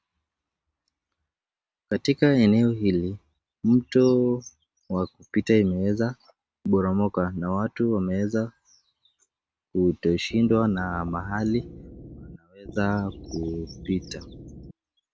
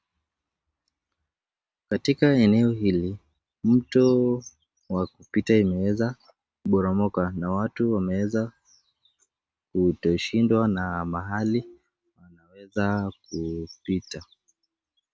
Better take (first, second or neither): second